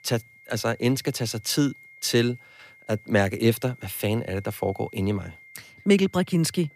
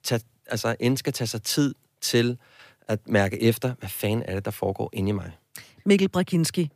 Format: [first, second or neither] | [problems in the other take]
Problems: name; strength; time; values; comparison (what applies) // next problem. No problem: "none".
second | high-pitched whine; faint; throughout; 2 kHz, 25 dB below the speech